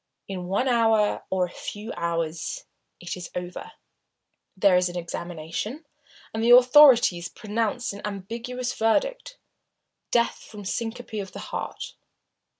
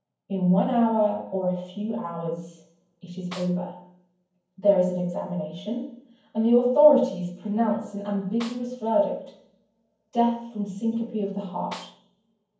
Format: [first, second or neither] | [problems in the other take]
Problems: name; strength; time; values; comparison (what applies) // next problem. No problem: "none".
first | background sound (Snare drum); 19 dB below the speech // room echo; dies away in 0.9 s